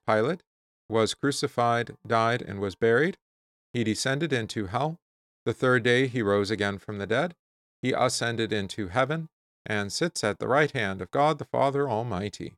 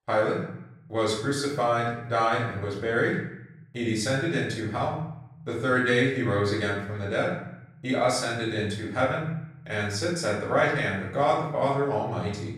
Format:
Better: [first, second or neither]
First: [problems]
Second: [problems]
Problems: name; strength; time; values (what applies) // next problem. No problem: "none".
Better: first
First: none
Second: off-mic speech; far // room echo; noticeable; dies away in 0.7 s